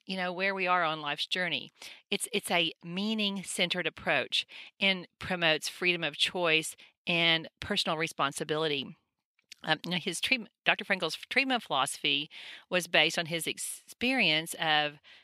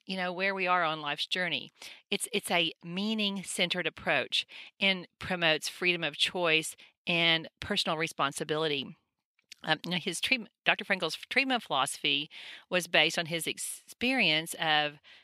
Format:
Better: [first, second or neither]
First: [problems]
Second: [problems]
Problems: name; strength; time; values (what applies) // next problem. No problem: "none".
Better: neither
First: thin; somewhat; fading below 600 Hz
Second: thin; somewhat; fading below 600 Hz